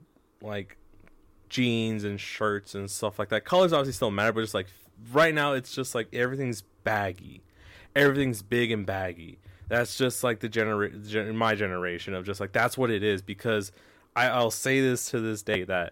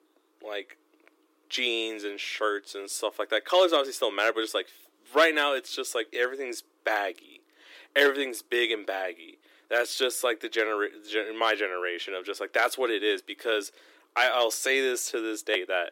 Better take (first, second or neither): first